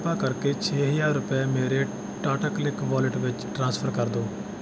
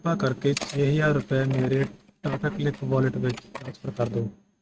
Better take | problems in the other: first | noise reduction (neural mask model RNNoise)

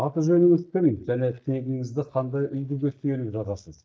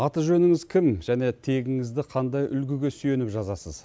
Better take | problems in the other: second | noise reduction (neural mask model DeepFilterNet 3)

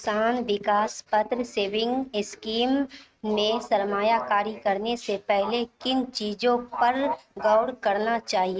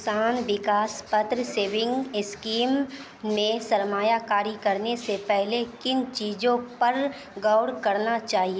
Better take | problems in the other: second | noise reduction (neural mask model RNNoise)

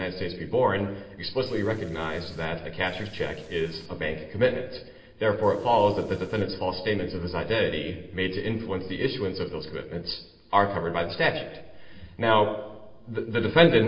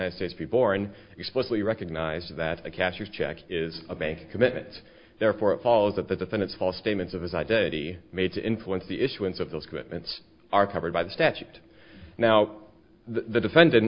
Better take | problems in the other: second | noise reduction (neural separator model SepFormer DNS4)

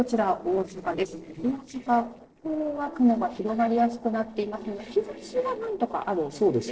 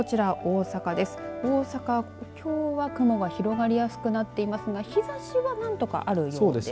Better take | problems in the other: second | noise reduction (neural separator model SepFormer DNS4)

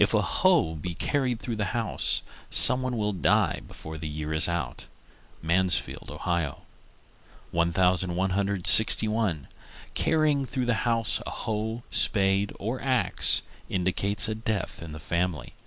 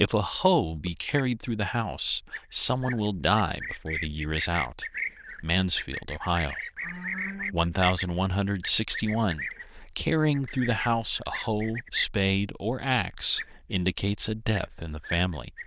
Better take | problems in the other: first | noise reduction (neural diffusion model UNIVERSE++)

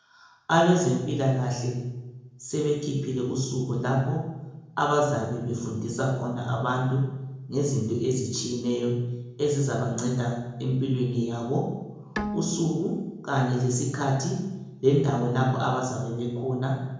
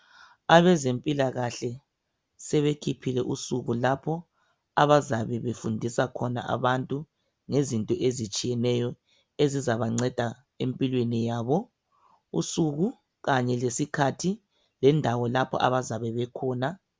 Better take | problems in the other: second | background sound (Bowed string instrument); 11 dB below the speech // room echo; dies away in 0.9 s

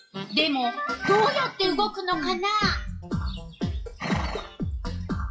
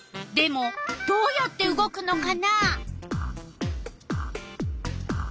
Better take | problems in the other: second | noise reduction (classical method WPE with log-MMSE)

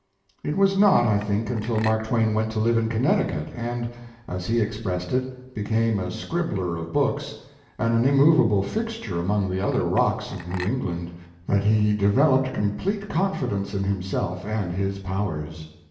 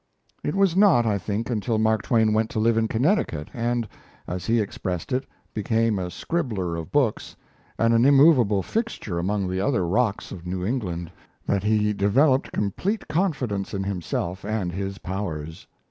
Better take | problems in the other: second | background sound (Chink, clink); 17 dB below the speech // room echo; dies away in 0.8 s

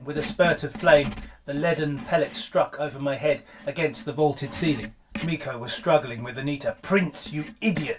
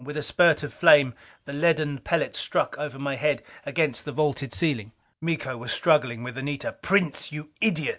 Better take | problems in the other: second | background sound (Writing); 15 dB below the speech // room echo; dies away in 0.2 s

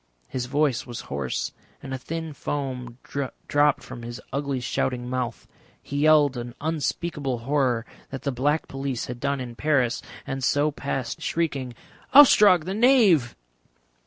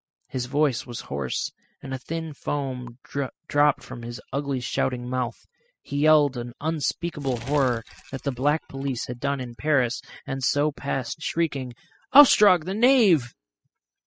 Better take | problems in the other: first | noise reduction (classical method spectral subtraction)

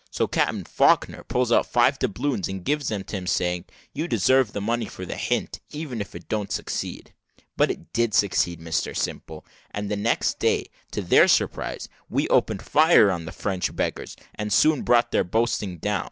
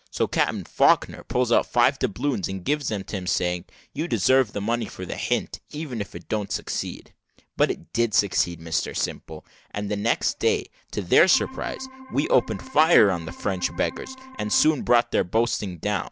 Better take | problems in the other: first | background sound (Organ); 16 dB below the speech

